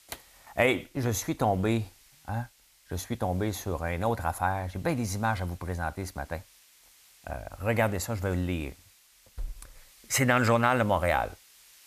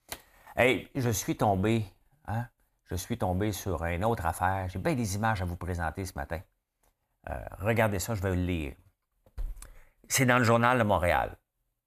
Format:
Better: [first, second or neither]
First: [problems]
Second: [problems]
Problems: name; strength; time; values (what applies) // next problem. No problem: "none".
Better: second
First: hiss; faint; throughout; 25 dB below the speech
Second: none